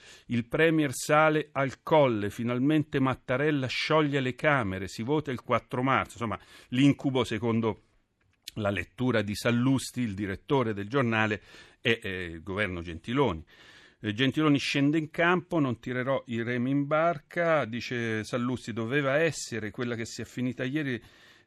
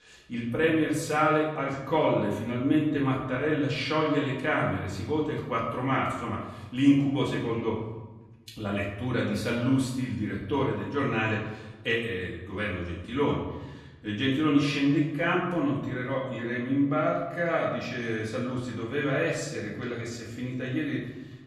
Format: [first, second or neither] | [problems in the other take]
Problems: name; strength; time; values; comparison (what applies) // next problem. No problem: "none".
first | off-mic speech; far // room echo; noticeable; dies away in 1 s